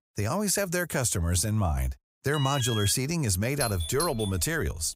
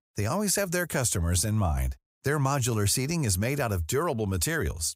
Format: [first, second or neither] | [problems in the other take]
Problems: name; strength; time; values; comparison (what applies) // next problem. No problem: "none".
second | alarm; noticeable; at 2.5 s; peak 5 dB below the speech // doorbell; noticeable; from 3.5 s on; peak 5 dB below the speech